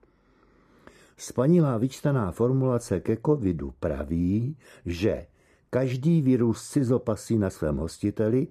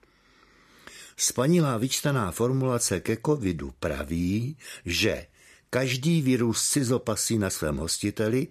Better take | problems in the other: second | muffled; slightly; fading above 1.5 kHz

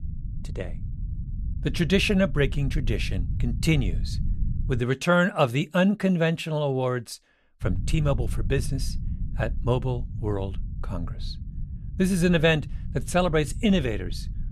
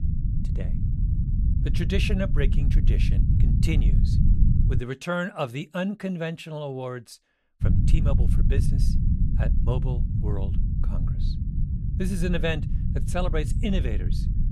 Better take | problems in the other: first | low rumble; loud; until 5 s and from 7.5 s on; 7 dB below the speech; faint in the first

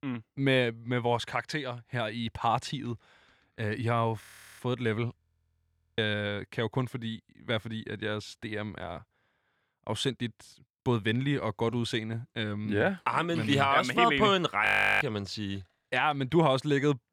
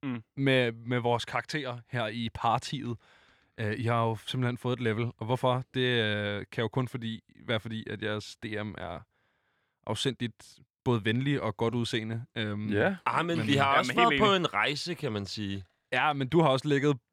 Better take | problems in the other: second | audio freezing; at 4 s, at 5 s for 1 s and at 15 s

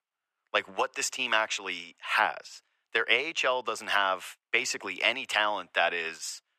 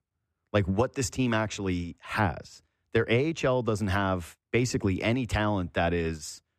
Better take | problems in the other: second | thin; very; fading below 850 Hz

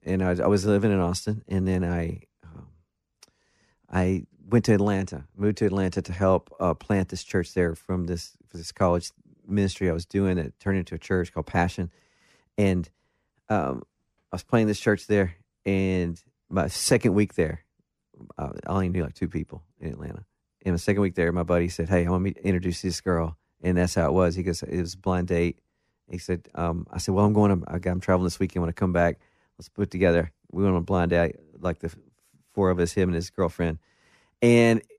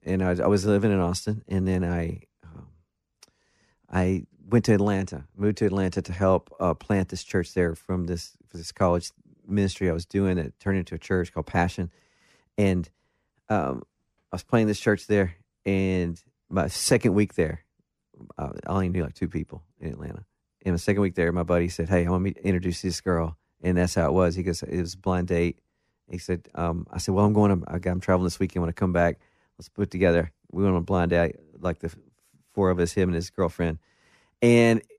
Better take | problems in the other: neither | none

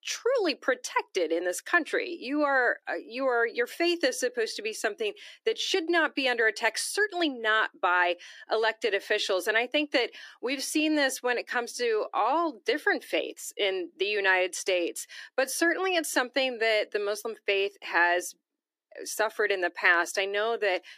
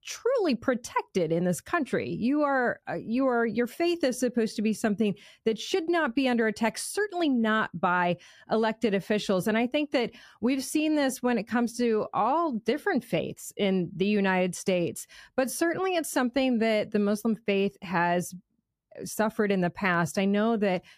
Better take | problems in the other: second | thin; very; fading below 300 Hz

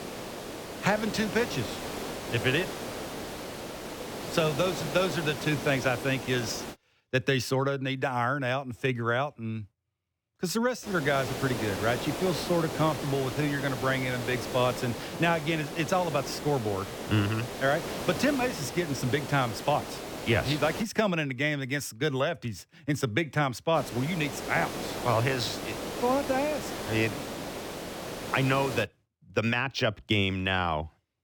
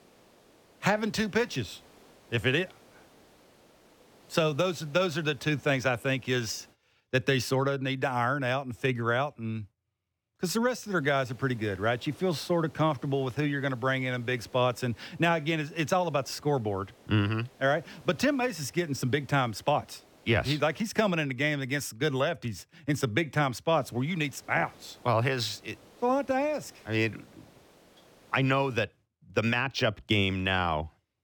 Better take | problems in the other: second | hiss; loud; until 6.5 s, from 11 to 21 s and from 24 to 29 s; 7 dB below the speech; faint in the second

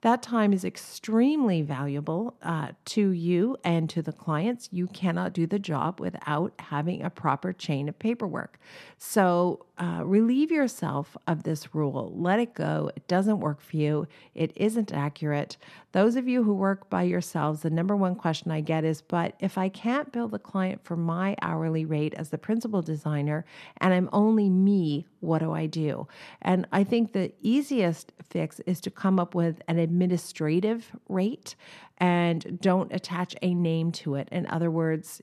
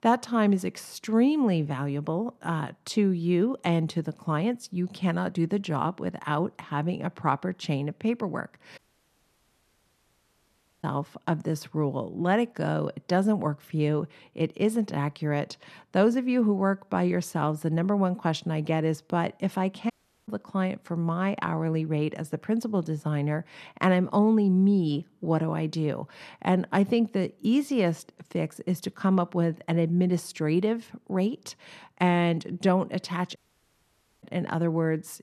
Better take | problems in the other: first | audio cutting out; at 9 s for 2 s, at 20 s and at 33 s for 1 s

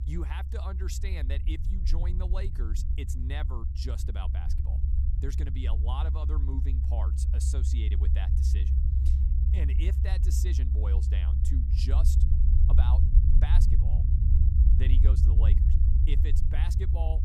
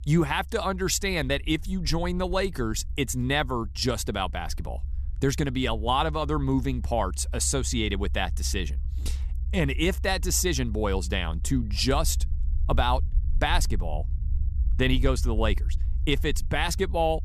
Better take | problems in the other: second | low rumble; loud; throughout; 1 dB below the speech; faint in the second

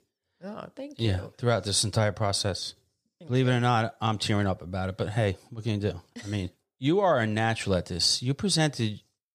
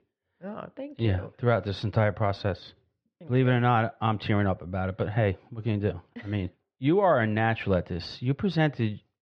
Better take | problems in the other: first | muffled; very; fading above 3 kHz

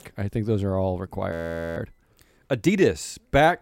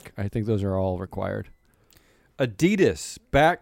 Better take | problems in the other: second | audio freezing; at 1.5 s

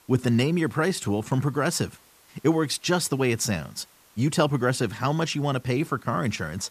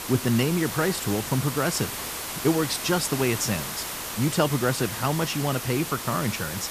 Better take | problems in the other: first | hiss; loud; throughout; 5 dB below the speech; faint in the first

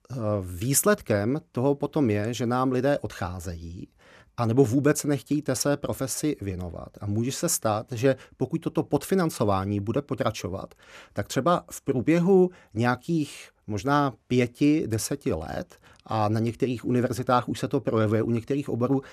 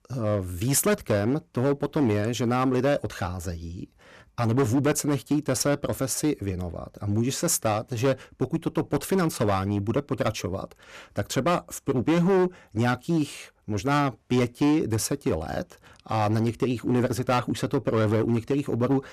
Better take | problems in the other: first | distortion; slight; 7% of the sound clipped

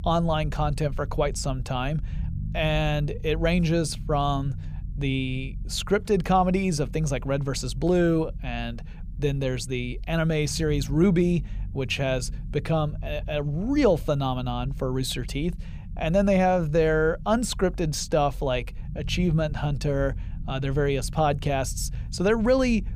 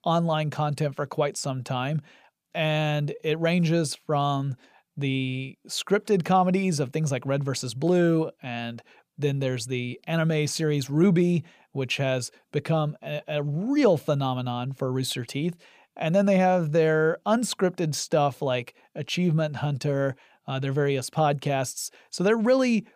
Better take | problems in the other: second | low rumble; faint; throughout; 25 dB below the speech

